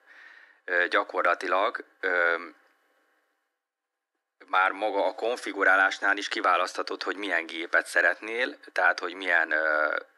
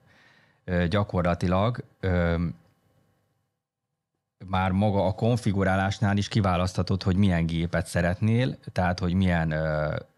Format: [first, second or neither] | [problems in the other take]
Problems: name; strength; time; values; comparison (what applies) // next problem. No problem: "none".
second | thin; very; fading below 300 Hz